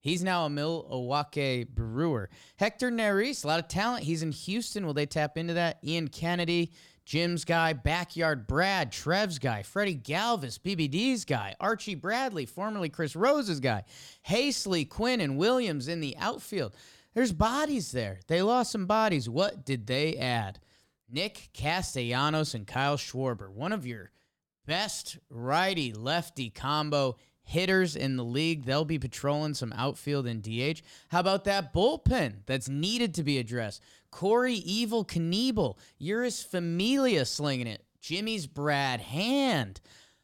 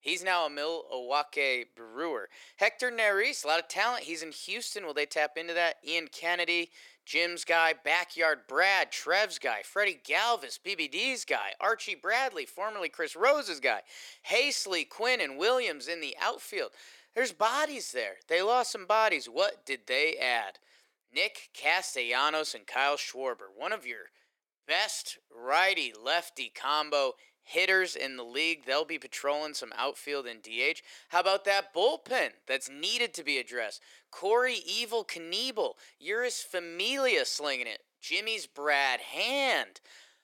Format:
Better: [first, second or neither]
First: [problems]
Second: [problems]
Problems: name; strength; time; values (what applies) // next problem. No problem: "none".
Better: first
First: none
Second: thin; very; fading below 400 Hz